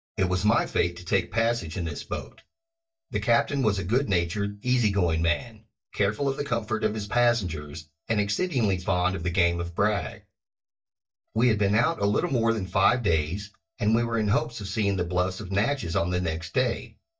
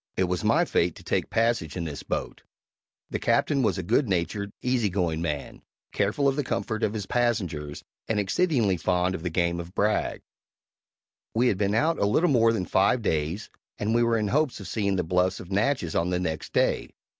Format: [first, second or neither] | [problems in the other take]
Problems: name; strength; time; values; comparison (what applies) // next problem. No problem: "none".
second | noise reduction (neural mask model DeepFilterNet 3)